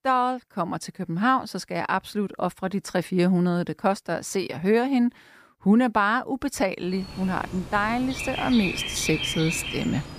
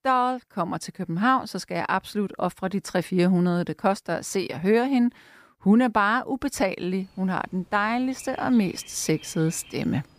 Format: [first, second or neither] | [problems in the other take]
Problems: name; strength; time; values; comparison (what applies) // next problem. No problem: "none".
second | animal sounds; loud; from 7 s on; 6 dB below the speech; faint in the second